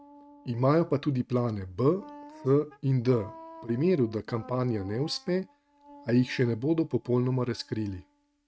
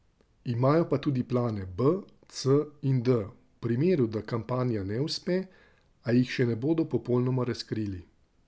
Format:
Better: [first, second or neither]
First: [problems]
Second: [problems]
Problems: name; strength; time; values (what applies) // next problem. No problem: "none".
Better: second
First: noise reduction (neural mask model RNNoise)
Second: none